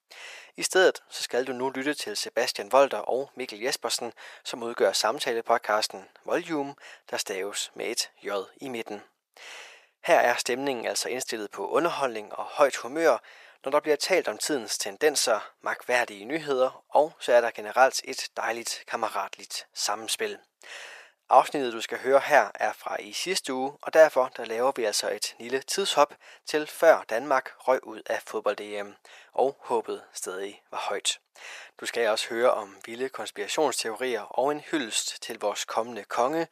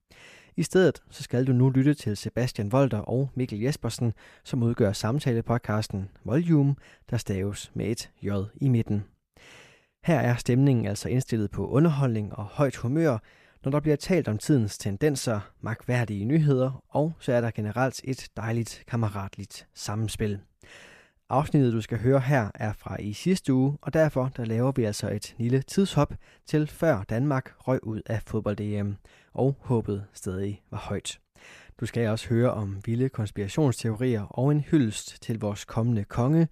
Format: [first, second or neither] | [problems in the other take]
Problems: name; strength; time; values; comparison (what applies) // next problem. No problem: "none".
second | thin; very; fading below 550 Hz